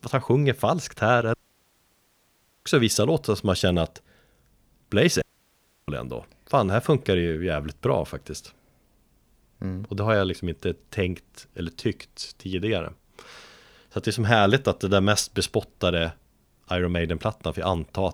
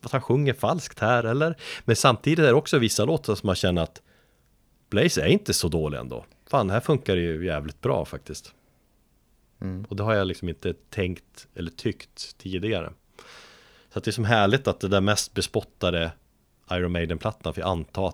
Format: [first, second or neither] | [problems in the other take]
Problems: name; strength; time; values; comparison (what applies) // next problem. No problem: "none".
second | audio cutting out; at 1.5 s for 1.5 s and at 5 s for 0.5 s